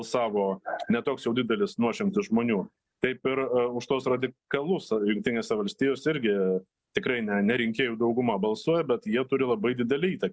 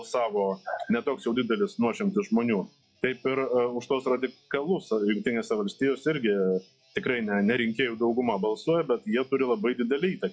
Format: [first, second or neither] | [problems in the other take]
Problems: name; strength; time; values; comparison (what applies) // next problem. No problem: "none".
first | noise reduction (classical method log-MMSE)